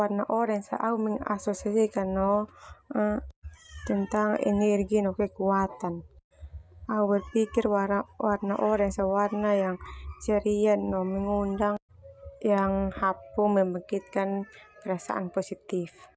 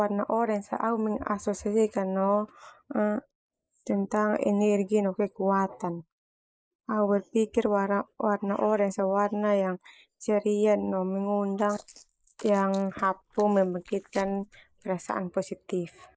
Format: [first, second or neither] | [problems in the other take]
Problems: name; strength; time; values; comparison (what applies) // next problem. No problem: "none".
first | noise reduction (neural mask model Resemble Enhance denoiser)